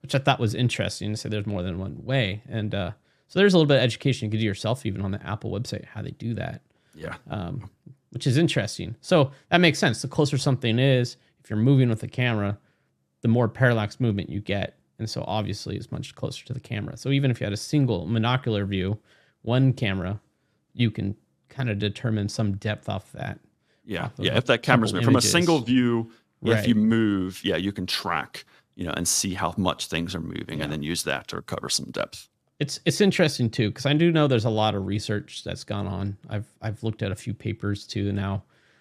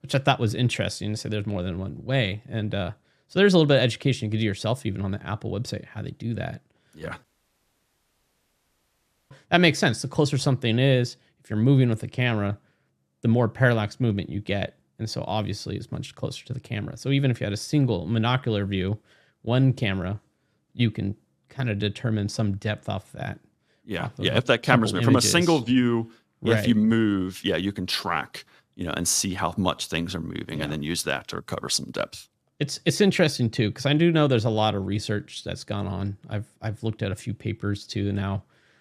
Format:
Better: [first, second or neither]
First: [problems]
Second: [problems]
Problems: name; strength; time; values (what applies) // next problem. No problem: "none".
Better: first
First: none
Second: audio cutting out; at 7 s for 2 s